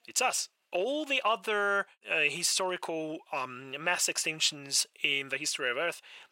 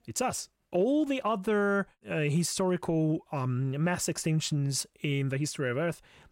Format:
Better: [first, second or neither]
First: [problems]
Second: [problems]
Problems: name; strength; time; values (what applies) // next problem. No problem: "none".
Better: second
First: thin; very; fading below 600 Hz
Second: none